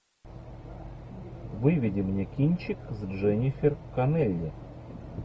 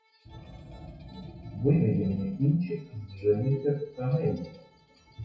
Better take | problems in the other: first | noise reduction (classical method WPE with log-MMSE)

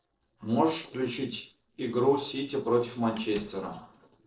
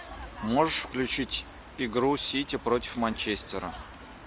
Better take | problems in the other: second | noise reduction (neural separator model SepFormer DNS4)

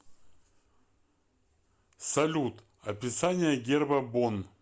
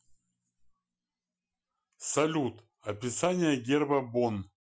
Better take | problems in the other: first | noise reduction (classical method Wiener filter)

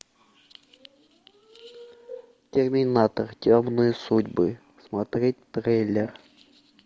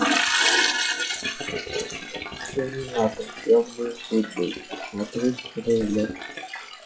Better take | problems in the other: first | noise reduction (classical method WPE with log-MMSE)

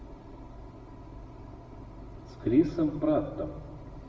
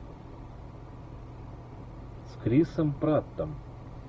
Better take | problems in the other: second | room echo; dies away in 1.3 s

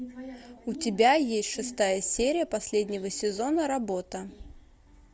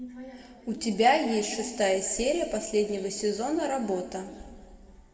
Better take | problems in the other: first | room echo; dies away in 1.9 s

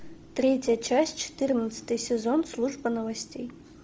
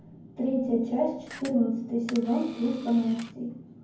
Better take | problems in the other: first | background sound (Camera); 19 dB below the speech // room echo; dies away in 0.9 s

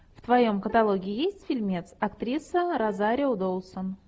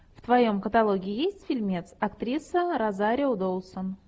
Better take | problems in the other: second | background sound (Bowed string instrument); 20 dB below the speech

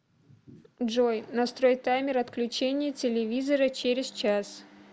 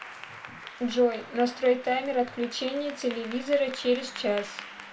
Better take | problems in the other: first | background sound (Applause / Clapping); 15 dB below the speech // room echo; dies away in 0.2 s

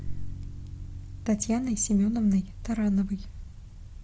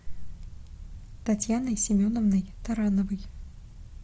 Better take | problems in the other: second | background sound (Bass guitar); 15 dB below the speech

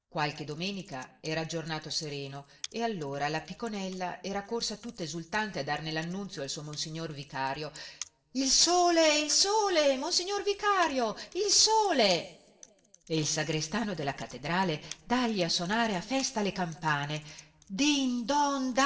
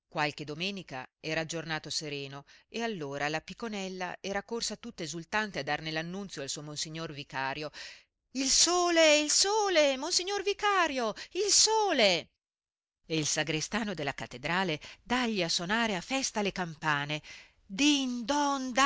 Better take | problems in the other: second | noise reduction (neural separator model SepFormer DNS4)

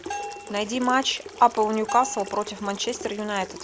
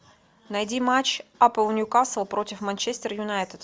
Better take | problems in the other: second | background sound (Bell + Sink (filling or washing) / Water tap, faucet); 12 dB below the speech

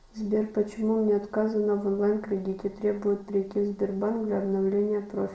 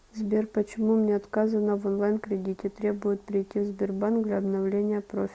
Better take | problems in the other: second | room echo; dies away in 0.5 s

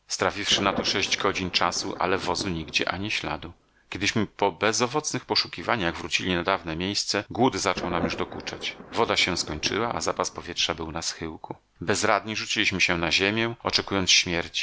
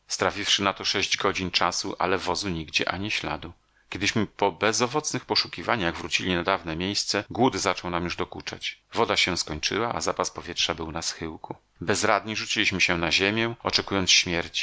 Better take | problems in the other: second | background sound (Thunder); 15 dB below the speech

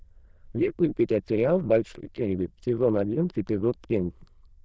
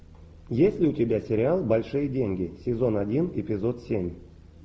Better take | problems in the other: second | noise reduction (neural diffusion model UNIVERSE++)

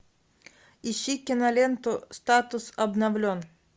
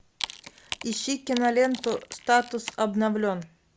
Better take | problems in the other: first | background sound (Wood); 14 dB below the speech

